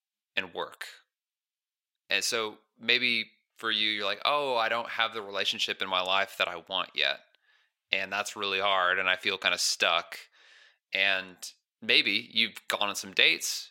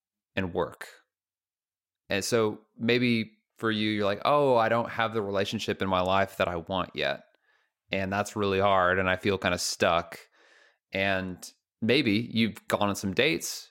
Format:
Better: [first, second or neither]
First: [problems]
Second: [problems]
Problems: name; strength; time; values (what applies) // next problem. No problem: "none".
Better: second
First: thin; somewhat; fading below 1 kHz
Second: none